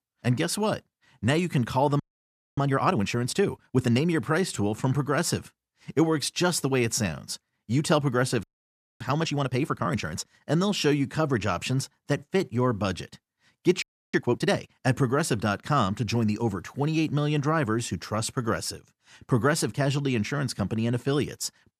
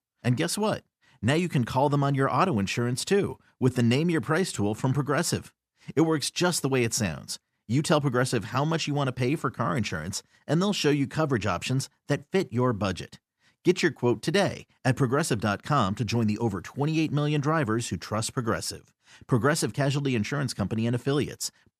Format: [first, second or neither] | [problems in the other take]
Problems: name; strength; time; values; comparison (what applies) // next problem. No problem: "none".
second | audio freezing; at 2 s for 0.5 s, at 8.5 s for 0.5 s and at 14 s